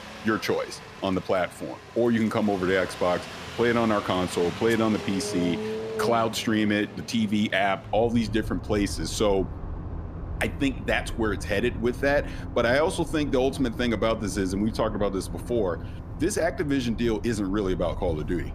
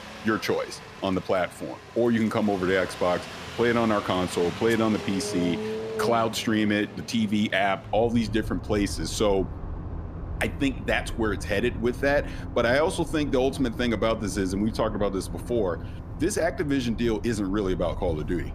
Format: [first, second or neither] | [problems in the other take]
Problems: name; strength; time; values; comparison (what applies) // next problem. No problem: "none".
neither | traffic noise; noticeable; throughout; 10 dB below the speech; the same in both